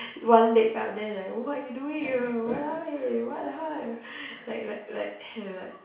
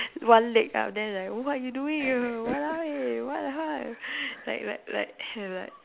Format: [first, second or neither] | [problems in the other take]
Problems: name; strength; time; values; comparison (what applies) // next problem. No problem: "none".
second | room echo; dies away in 0.6 s